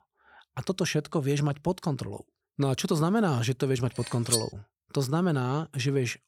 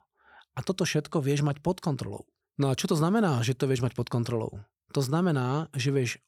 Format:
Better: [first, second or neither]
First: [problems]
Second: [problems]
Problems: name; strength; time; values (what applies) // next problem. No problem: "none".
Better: second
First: clattering dishes; loud; at 4.5 s; peak level with the speech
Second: none